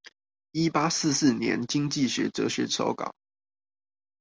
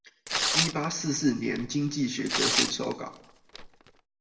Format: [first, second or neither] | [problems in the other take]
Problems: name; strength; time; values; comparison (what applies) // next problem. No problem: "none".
first | background sound (Tearing); 1 dB below the speech // room echo; dies away in 0.6 s